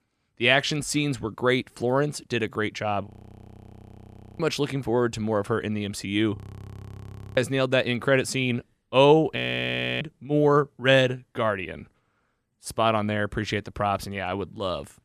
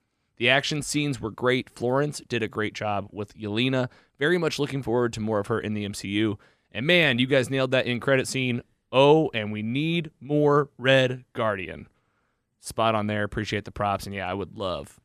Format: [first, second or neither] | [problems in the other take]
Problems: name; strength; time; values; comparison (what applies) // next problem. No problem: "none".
second | audio freezing; at 3 s for 1.5 s, at 6.5 s for 1 s and at 9.5 s for 0.5 s